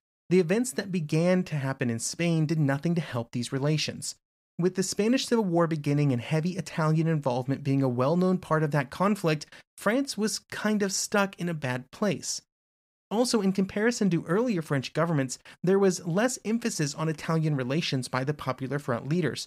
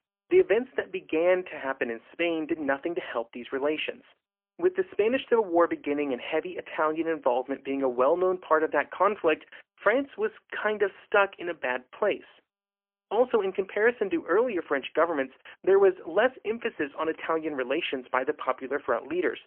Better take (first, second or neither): first